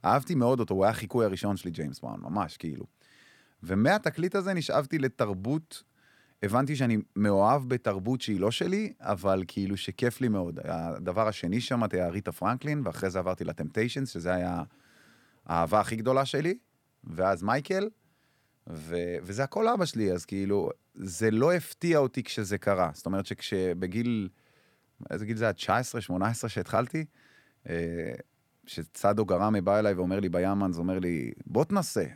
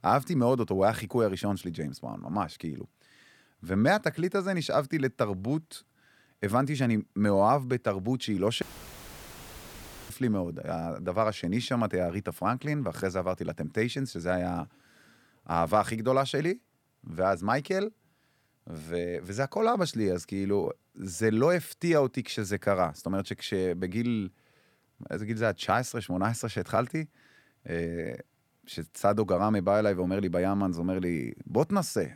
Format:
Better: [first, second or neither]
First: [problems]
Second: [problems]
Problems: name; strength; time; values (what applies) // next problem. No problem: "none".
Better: first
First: none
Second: audio cutting out; filled with static; at 8.5 s for 1.5 s